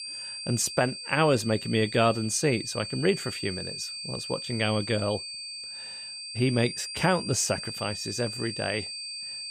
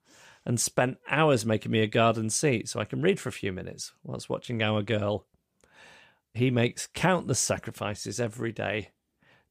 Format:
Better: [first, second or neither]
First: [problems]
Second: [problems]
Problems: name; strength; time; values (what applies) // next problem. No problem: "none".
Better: second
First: high-pitched whine; loud; throughout; 4.5 kHz, 7 dB below the speech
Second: none